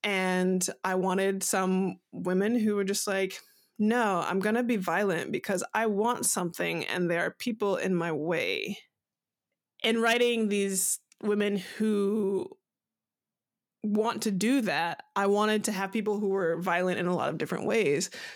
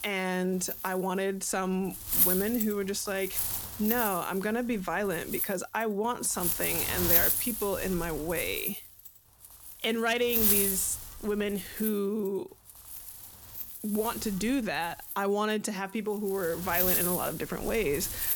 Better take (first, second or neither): first